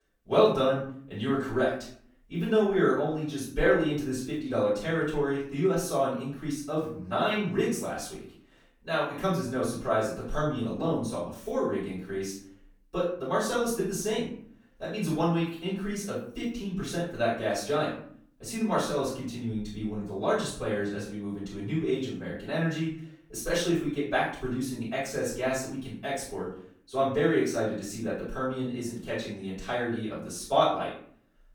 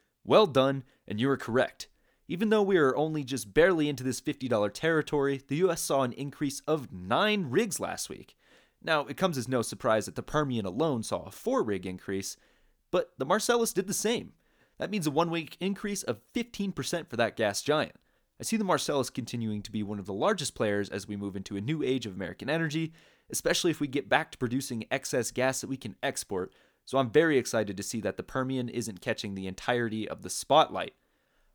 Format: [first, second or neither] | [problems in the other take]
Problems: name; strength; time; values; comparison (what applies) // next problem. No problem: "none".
second | off-mic speech; far // room echo; noticeable; dies away in 0.5 s